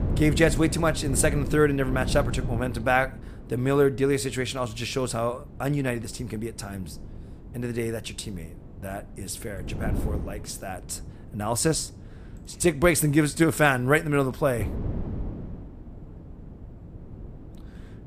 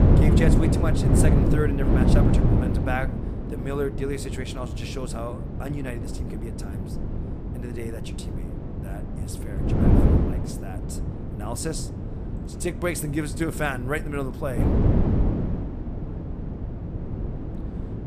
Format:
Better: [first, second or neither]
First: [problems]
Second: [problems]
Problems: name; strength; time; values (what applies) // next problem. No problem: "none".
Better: first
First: wind noise on the microphone; occasional gusts; 20 dB below the speech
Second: wind noise on the microphone; heavy; 2 dB below the speech